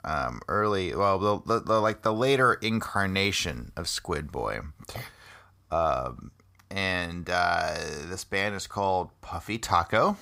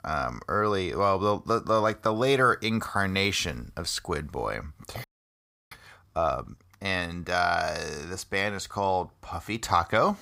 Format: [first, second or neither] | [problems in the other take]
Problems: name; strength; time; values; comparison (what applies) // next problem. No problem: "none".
first | audio freezing; at 5 s for 0.5 s